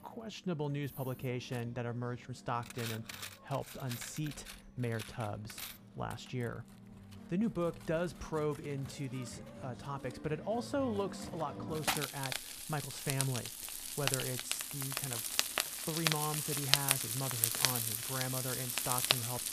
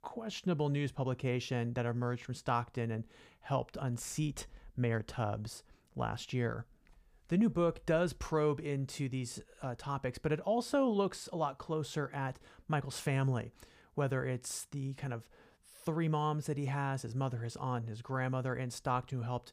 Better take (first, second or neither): second